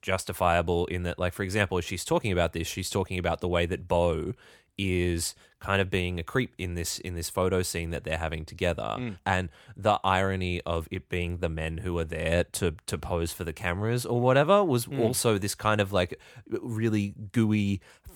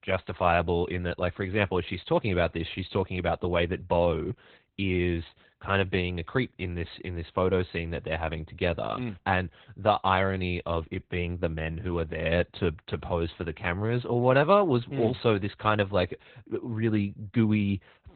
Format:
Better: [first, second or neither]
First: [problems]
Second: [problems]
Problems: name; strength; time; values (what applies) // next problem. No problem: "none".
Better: first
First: none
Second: garbled, watery; badly; nothing above 4 kHz